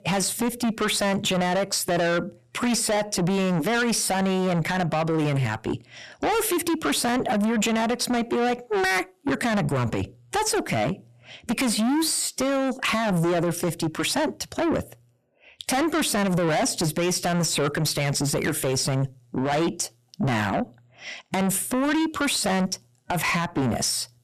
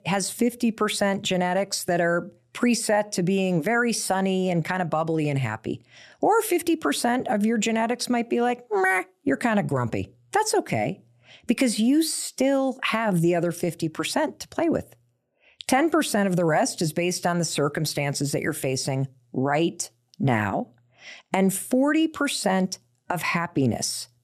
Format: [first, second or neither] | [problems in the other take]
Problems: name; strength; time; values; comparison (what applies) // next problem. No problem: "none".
second | distortion; heavy; 7 dB below the speech